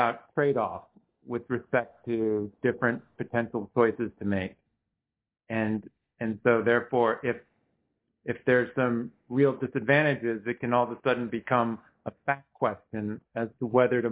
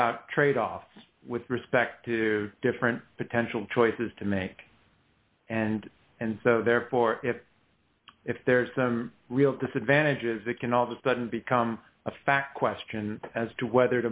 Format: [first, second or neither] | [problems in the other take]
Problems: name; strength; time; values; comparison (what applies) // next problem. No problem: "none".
second | noise reduction (neural mask model DeepFilterNet 3)